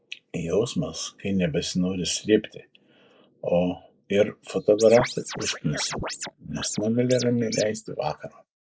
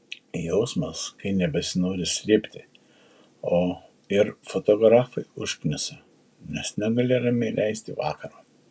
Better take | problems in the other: second | noise reduction (neural mask model Resemble Enhance denoiser)

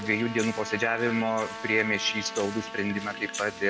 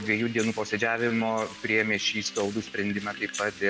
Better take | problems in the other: second | background sound (Trumpet); 12 dB below the speech

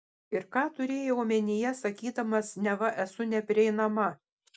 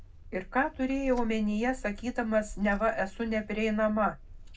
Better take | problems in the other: first | background sound (Purr); 12 dB below the speech // room echo; dies away in 0.3 s

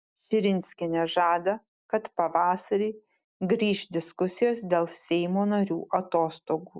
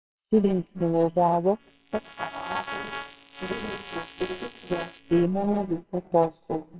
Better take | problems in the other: first | noise reduction (neural separator model SepFormer WHAMR!)

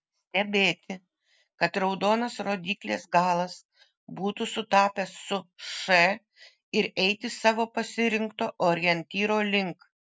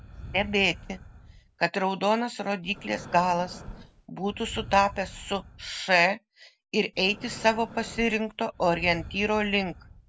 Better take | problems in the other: first | background sound (Breathing); 17 dB below the speech

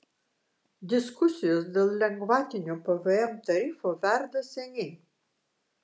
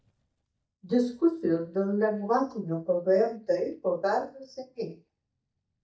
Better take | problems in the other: first | noise reduction (neural mask model DeepFilterNet 3)

